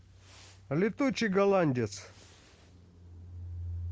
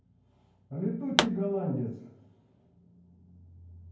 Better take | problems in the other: first | background sound (Explosion); 4 dB above the speech // room echo; dies away in 0.9 s

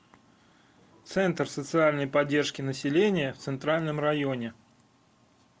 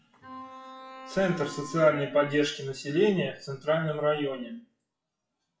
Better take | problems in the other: first | noise reduction (classical method WPE with log-MMSE)

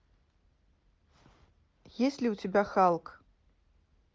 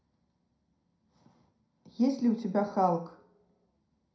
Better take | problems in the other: first | room echo; dies away in 0.4 s

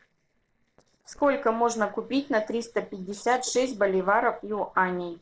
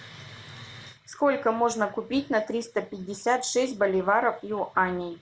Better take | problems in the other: second | noise reduction (neural separator model SepFormer DNS4)

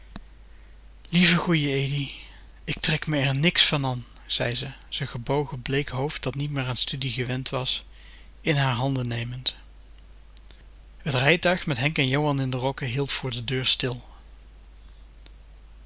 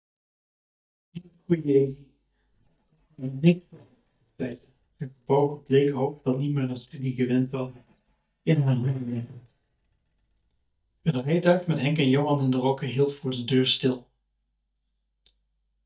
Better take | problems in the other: first | noise reduction (neural mask model DeepFilterNet 3)

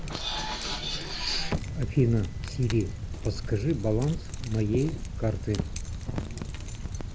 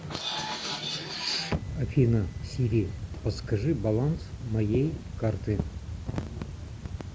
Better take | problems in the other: second | background sound (Keys jangling); 8 dB below the speech

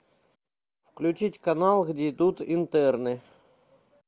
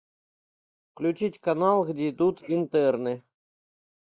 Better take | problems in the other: first | noise reduction (neural mask model Resemble Enhance denoiser)

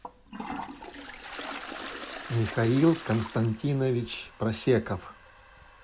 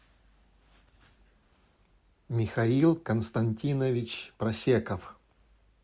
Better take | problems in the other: second | background sound (Toilet flush); 13 dB below the speech

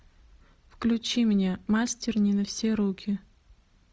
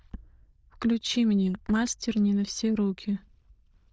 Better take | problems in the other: first | noise reduction (neural diffusion model UNIVERSE++)

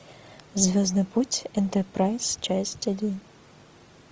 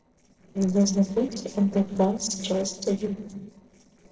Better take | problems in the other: first | noise reduction (neural separator model SepFormer DNS4)

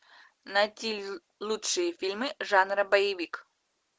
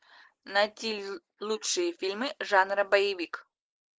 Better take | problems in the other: first | noise reduction (neural mask model Resemble Enhance denoiser)

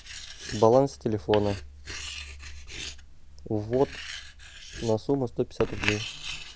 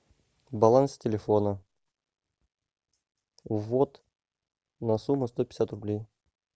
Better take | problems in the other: second | background sound (Writing); 9 dB below the speech

